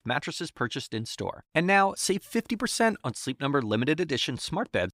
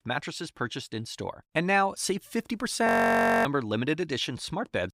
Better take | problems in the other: first | audio freezing; at 3 s for 0.5 s

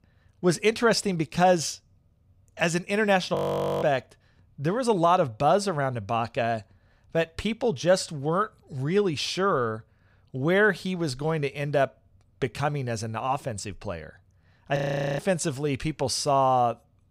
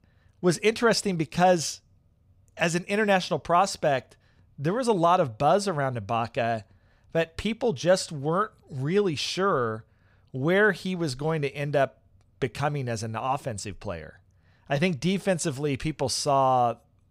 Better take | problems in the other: second | audio freezing; at 3.5 s and at 15 s

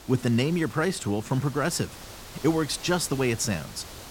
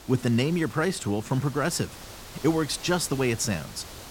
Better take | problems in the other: neither | hiss; noticeable; throughout; 15 dB below the speech; the same in both

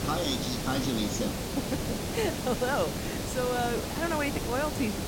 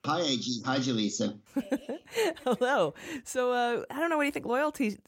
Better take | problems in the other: second | hiss; loud; throughout; 1 dB below the speech

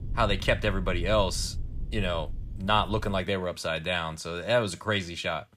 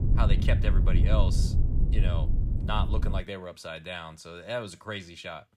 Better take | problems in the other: first | low rumble; loud; until 3 s; 6 dB below the speech; faint in the first

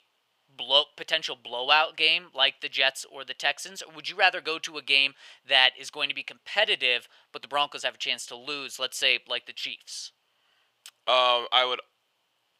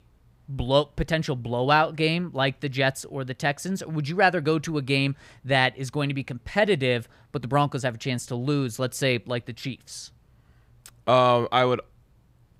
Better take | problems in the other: second | thin; very; fading below 700 Hz

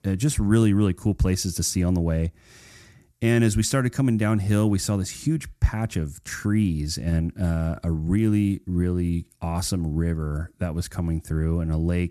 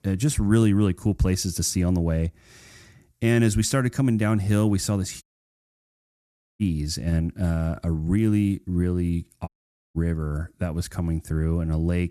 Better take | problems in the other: first | audio cutting out; at 5 s for 1.5 s and at 9.5 s

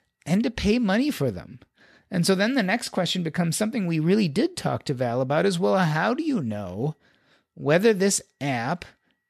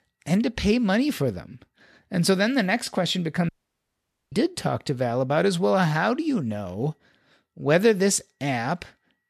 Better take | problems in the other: first | audio cutting out; at 3.5 s for 1 s

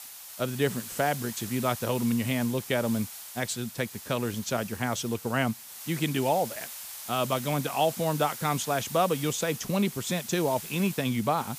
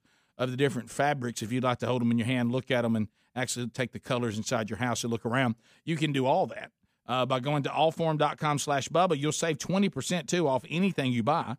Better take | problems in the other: second | hiss; loud; throughout; 10 dB below the speech

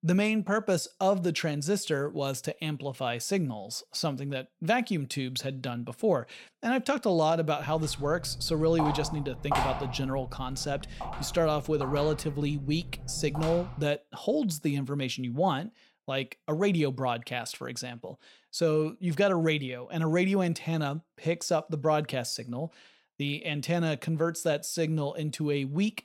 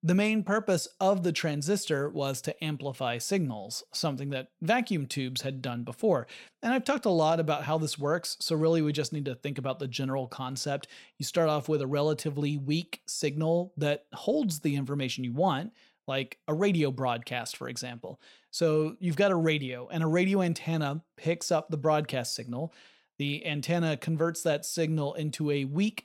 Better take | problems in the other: second | footsteps; loud; from 8 to 14 s; peak level with the speech

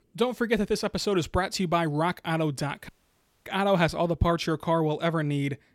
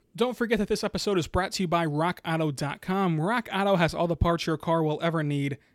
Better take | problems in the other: second | audio cutting out; at 3 s for 0.5 s

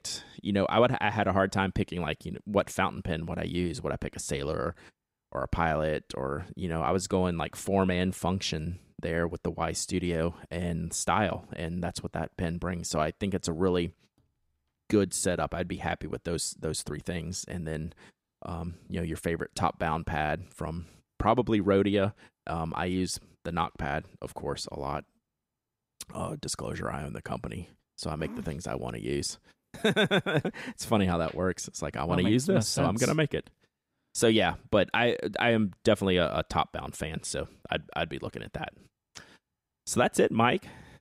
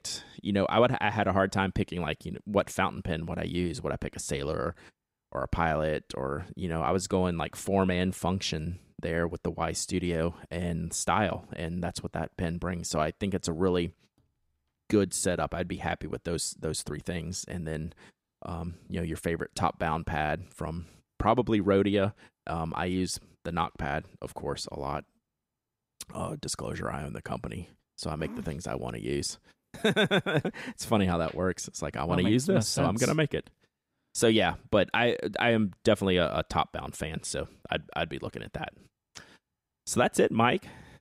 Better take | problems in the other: neither | none

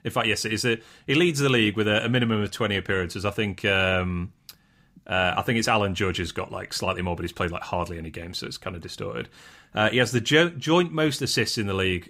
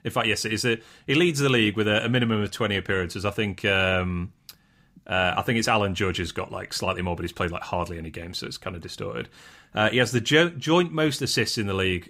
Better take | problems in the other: neither | none

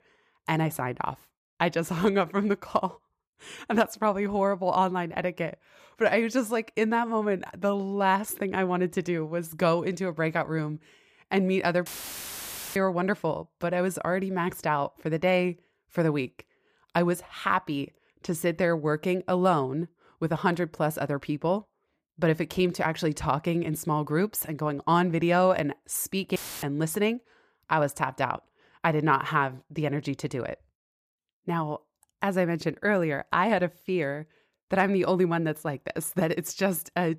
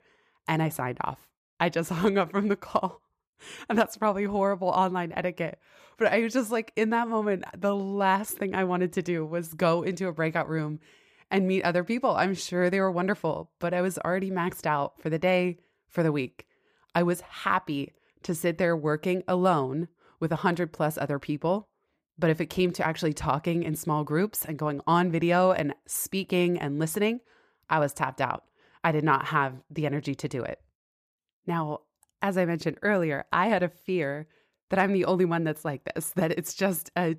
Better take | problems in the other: second | audio cutting out; filled with static; at 12 s for 1 s and at 26 s

